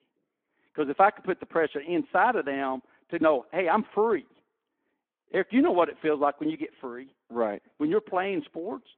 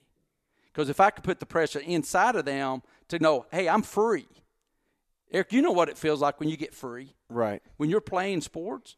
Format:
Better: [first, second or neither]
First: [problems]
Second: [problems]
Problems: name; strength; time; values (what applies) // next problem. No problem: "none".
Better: second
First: phone-call audio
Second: none